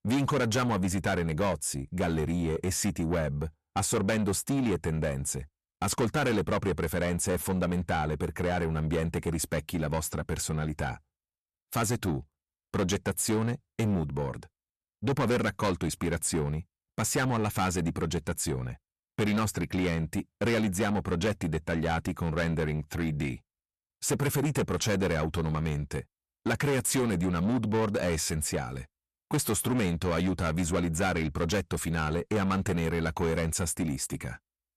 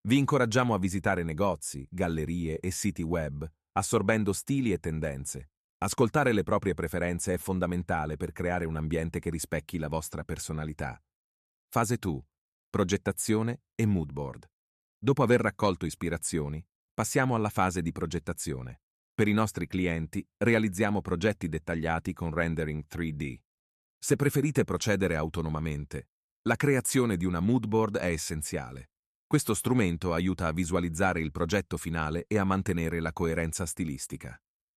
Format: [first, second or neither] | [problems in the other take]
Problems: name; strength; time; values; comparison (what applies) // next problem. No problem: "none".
second | distortion; heavy; 7 dB below the speech